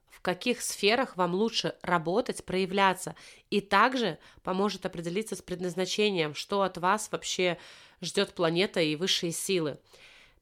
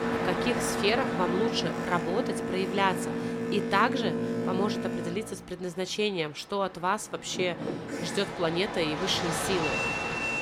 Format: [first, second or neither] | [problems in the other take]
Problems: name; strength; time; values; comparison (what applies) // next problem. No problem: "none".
first | train or aircraft noise; loud; throughout; 1 dB below the speech